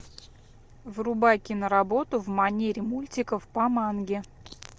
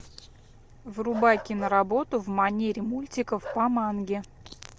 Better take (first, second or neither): first